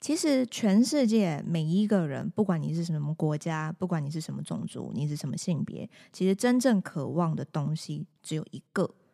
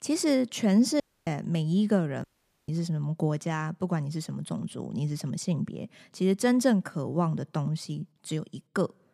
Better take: first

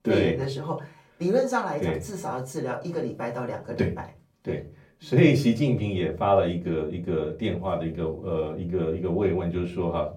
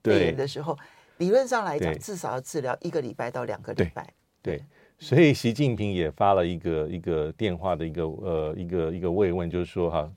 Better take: second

